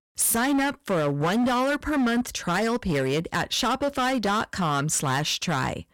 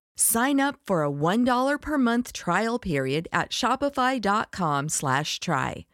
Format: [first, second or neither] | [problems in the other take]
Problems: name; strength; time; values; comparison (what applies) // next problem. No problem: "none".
second | distortion; heavy; 19% of the sound clipped